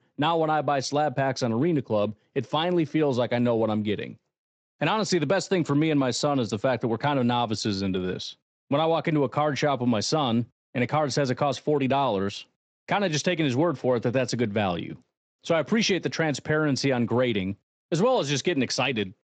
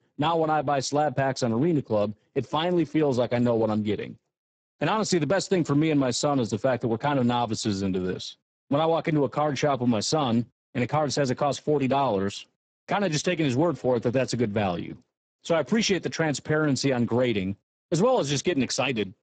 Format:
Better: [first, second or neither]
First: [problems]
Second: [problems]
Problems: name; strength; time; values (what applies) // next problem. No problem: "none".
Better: first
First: garbled, watery; slightly; nothing above 7.5 kHz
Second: garbled, watery; badly; nothing above 8 kHz